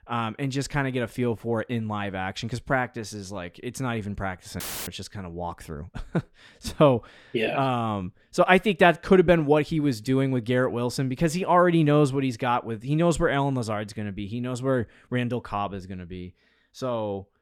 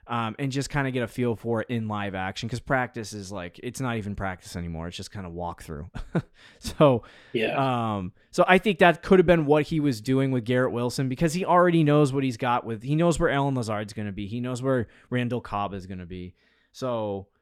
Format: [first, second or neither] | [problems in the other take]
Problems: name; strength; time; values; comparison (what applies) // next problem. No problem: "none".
second | audio cutting out; filled with static; at 4.5 s